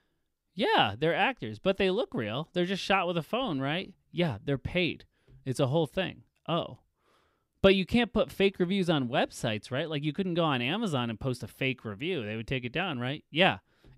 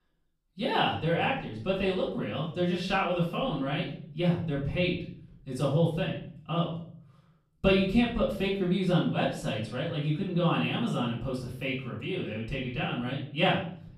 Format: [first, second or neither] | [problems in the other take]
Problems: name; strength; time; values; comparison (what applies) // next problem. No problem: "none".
first | off-mic speech; far // room echo; noticeable; dies away in 0.6 s